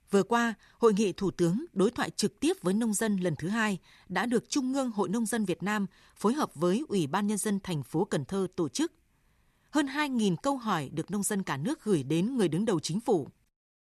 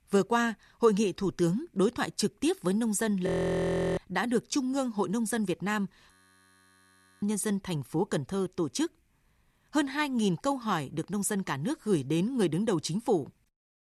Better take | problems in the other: first | audio freezing; at 3.5 s for 0.5 s and at 6 s for 1 s

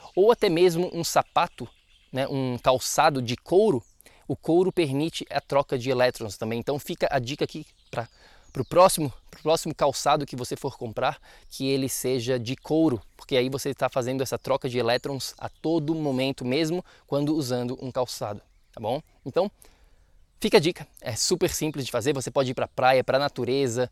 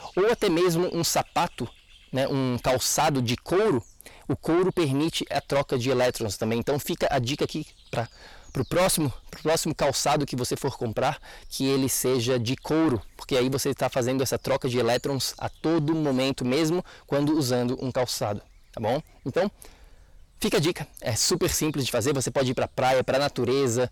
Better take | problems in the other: first | distortion; heavy; 6 dB below the speech

